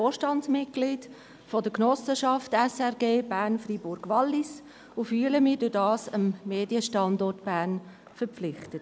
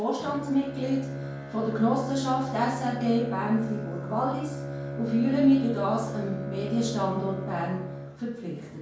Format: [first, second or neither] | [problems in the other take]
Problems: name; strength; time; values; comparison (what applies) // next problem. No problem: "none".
first | background sound (Bowed string instrument); 7 dB below the speech // room echo; dies away in 0.5 s